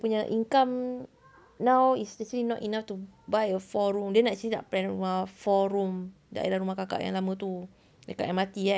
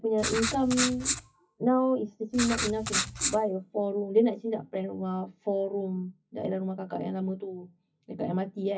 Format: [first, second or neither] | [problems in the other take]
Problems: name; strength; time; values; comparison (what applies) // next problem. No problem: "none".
first | noise reduction (classical method WPE with log-MMSE)